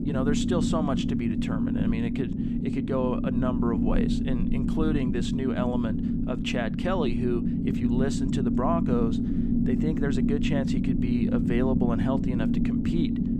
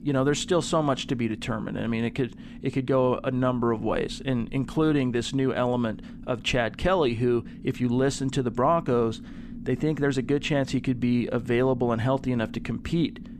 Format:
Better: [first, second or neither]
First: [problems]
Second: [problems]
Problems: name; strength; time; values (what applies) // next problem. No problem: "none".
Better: second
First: low rumble; loud; throughout; as loud as the speech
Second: low rumble; faint; throughout; 20 dB below the speech